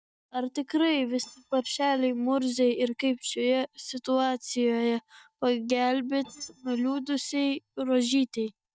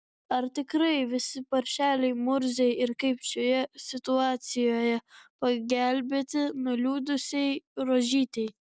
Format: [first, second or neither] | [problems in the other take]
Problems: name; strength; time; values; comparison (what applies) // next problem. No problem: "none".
second | noise reduction (neural mask model DeepFilterNet 3)